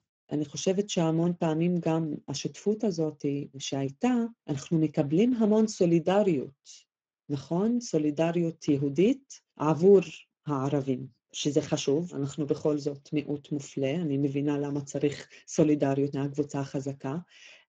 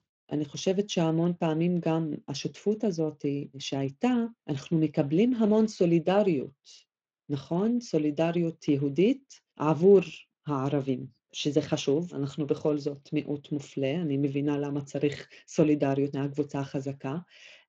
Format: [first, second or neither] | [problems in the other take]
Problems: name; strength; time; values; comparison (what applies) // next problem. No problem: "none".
second | garbled, watery; badly; slightly in the second